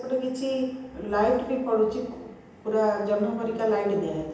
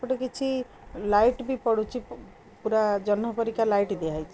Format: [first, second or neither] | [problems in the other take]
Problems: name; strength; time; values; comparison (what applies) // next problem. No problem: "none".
second | room echo; dies away in 0.9 s